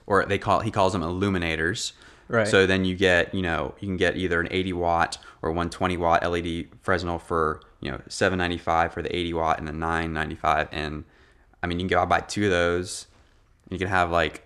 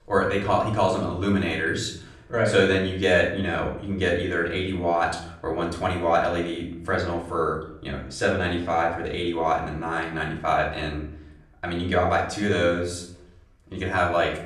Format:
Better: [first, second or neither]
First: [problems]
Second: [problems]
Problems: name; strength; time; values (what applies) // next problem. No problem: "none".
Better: first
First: none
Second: room echo; slight; dies away in 0.6 s // off-mic speech; far